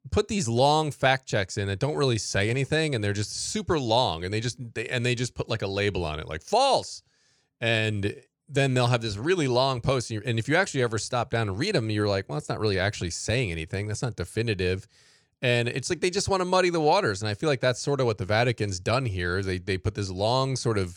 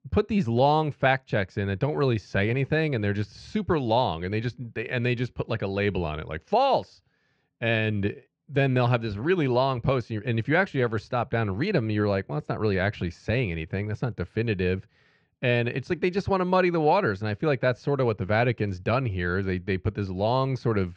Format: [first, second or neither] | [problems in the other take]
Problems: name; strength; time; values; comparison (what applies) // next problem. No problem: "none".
first | muffled; slightly; fading above 3 kHz